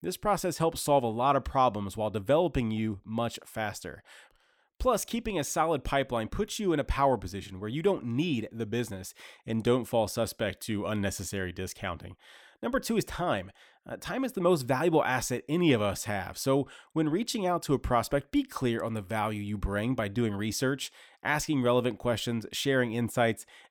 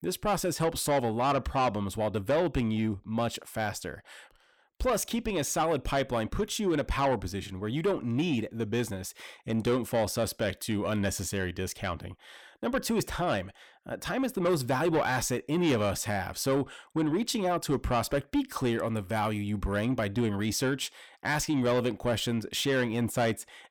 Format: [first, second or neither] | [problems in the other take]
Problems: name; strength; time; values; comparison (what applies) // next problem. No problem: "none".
first | distortion; slight; 10 dB below the speech